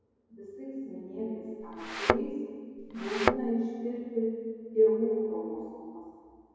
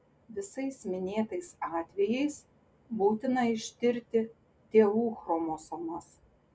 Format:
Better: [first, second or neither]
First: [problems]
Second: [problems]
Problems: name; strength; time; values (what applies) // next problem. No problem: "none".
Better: second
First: background sound (Thump, thud); 1 dB above the speech // room echo; dies away in 2.2 s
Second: none